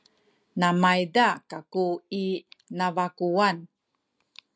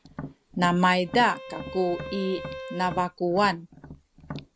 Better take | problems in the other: first | background sound (Tap + Bowed string instrument); 12 dB below the speech

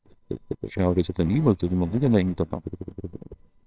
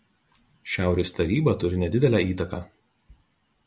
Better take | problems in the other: second | noise reduction (neural separator model SepFormer WHAMR!)

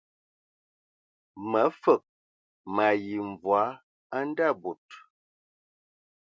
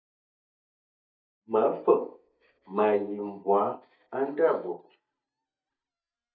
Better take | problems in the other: first | noise reduction (neural mask model DeepFilterNet 3)

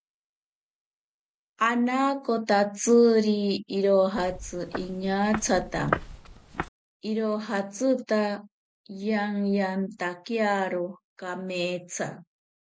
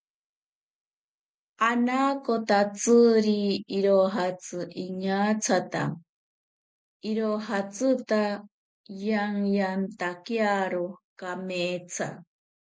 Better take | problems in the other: second | background sound (Walk, footsteps); 8 dB below the speech

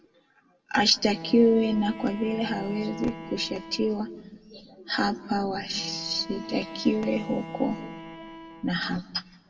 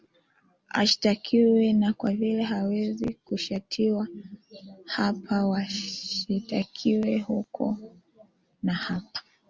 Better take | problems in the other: second | background sound (Bowed string instrument); 14 dB below the speech // room echo; dies away in 0.9 s

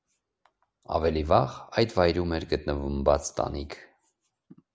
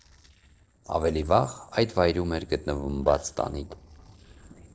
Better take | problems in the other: first | noise reduction (neural separator model SepFormer DNS4)

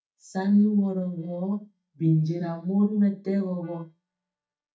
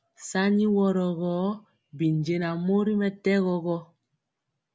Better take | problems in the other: second | noise reduction (neural mask model DeepFilterNet 3)

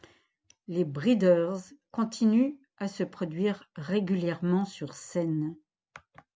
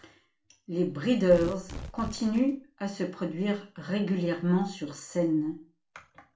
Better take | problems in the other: first | background sound (Tearing); 15 dB below the speech // room echo; dies away in 0.3 s

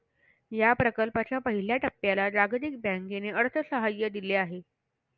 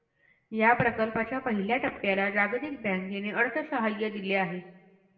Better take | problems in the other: first | room echo; dies away in 0.8 s

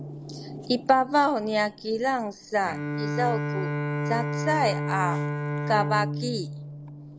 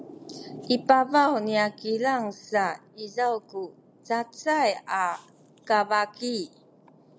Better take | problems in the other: second | background sound (Bowed string instrument); 4 dB below the speech

